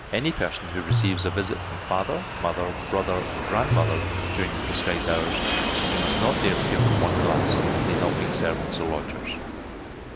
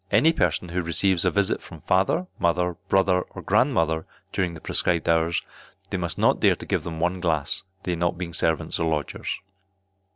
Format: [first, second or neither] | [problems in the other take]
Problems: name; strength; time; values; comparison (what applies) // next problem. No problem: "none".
second | background sound (Fixed-wing aircraft, airplane + Tabla); 3 dB above the speech